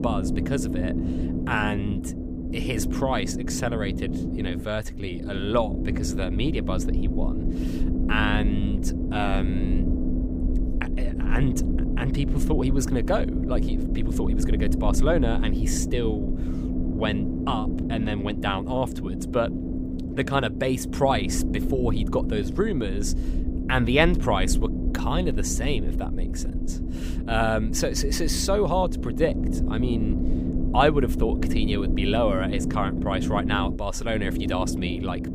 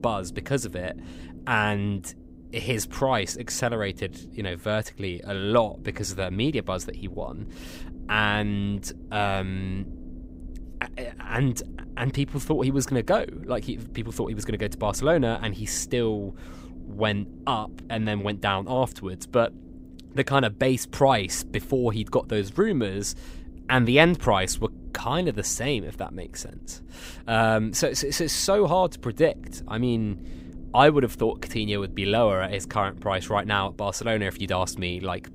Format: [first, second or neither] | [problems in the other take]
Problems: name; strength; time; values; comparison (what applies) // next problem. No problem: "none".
second | low rumble; loud; throughout; 7 dB below the speech; faint in the second